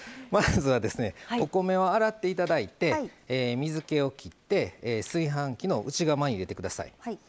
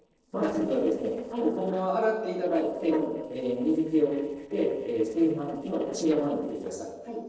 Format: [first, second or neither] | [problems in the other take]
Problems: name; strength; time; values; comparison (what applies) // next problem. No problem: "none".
first | noise reduction (neural separator model SepFormer DNS4)